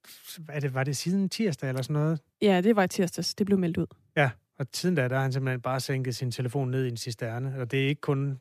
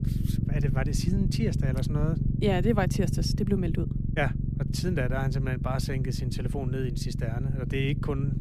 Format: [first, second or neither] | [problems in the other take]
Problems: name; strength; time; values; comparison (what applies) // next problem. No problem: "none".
first | low rumble; loud; throughout; 7 dB below the speech